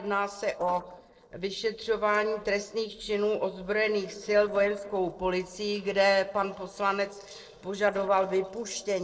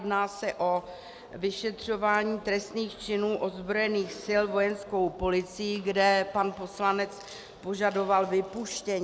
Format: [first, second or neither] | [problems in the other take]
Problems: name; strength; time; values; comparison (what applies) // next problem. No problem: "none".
second | noise reduction (neural separator model SepFormer DNS4)